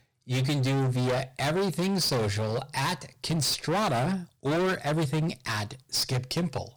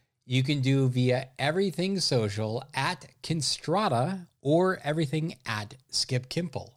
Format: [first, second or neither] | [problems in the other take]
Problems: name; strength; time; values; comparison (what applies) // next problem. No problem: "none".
second | distortion; heavy; 27% of the sound clipped